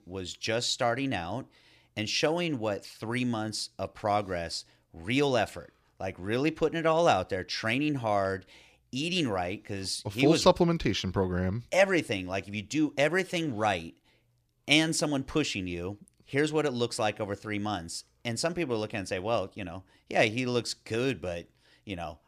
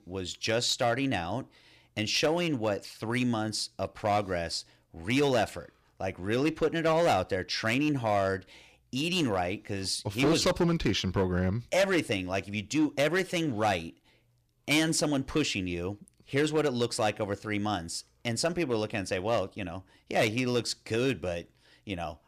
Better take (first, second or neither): first